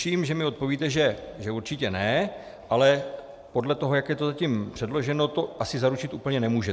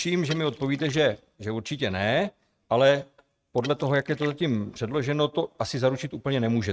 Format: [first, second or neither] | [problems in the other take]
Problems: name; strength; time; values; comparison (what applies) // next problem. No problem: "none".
first | noise reduction (neural mask model RNNoise)